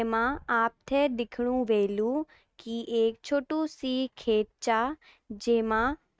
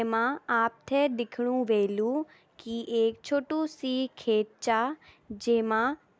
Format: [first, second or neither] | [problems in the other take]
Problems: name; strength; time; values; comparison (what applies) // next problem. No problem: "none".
second | noise reduction (neural mask model RNNoise)